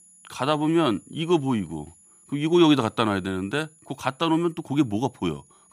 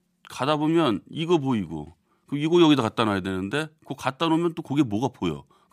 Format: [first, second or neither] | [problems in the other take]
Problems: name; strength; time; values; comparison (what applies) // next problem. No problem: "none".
second | high-pitched whine; faint; throughout; 10.5 kHz, 30 dB below the speech